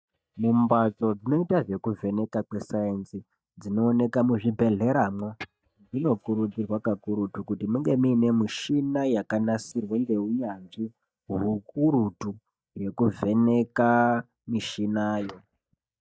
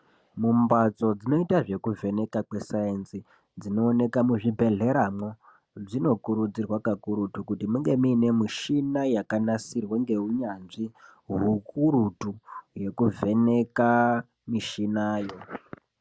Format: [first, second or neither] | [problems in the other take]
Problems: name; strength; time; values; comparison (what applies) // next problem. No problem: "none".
second | noise reduction (neural mask model DeepFilterNet 3)